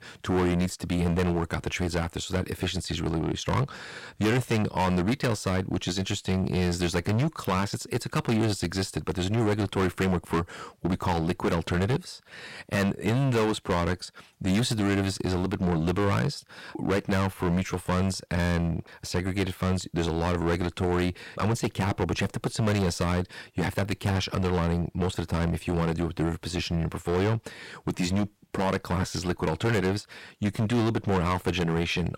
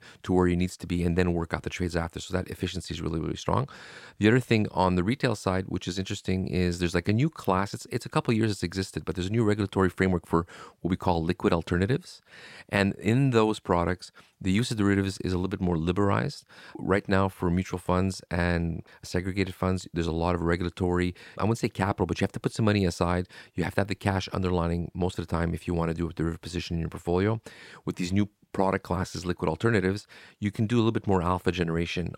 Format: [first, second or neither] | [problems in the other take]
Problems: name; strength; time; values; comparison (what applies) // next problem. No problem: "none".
second | distortion; heavy; 14% of the sound clipped